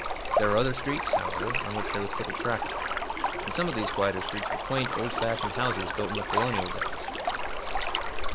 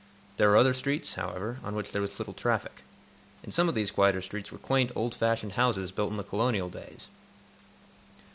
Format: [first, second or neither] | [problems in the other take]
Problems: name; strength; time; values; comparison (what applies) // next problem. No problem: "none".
second | background sound (Stream); 2 dB above the speech